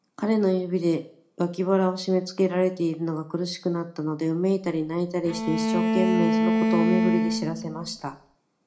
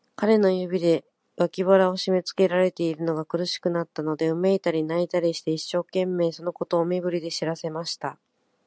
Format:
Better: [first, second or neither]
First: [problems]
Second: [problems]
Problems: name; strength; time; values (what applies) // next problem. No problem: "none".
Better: second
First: background sound (Bowed string instrument); 1 dB above the speech // room echo; dies away in 0.4 s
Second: none